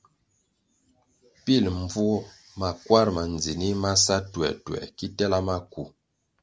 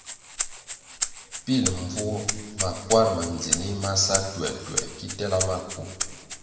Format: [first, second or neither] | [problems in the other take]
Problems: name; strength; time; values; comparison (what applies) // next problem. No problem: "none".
first | background sound (Rattle (instrument)); 4 dB below the speech // room echo; dies away in 1.9 s